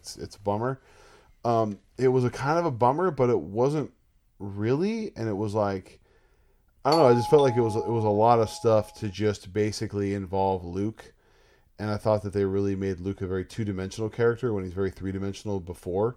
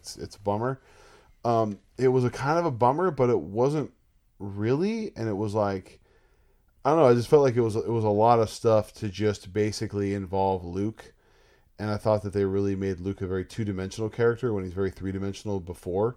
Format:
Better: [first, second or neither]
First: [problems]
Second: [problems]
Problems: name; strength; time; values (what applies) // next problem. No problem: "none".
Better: second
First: doorbell; noticeable; from 7 to 8.5 s; peak 2 dB below the speech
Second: none